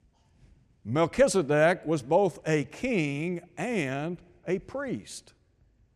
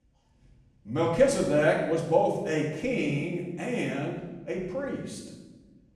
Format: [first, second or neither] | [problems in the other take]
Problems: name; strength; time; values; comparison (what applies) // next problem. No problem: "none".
first | room echo; noticeable; dies away in 1 s // off-mic speech; far